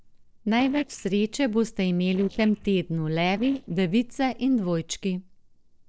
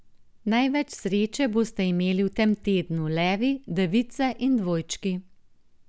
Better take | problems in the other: second | noise reduction (neural separator model SepFormer DNS4)

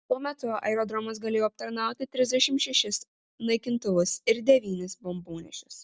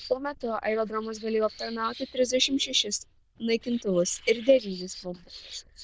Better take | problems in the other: first | noise reduction (neural diffusion model UNIVERSE++)

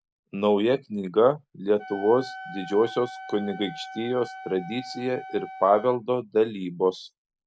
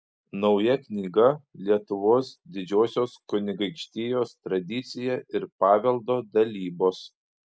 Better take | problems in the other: second | background sound (Wind instrument, woodwind instrument); 16 dB below the speech

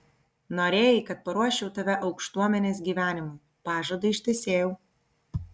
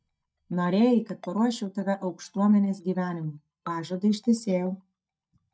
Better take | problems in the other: first | noise reduction (neural mask model DeepFilterNet 3)

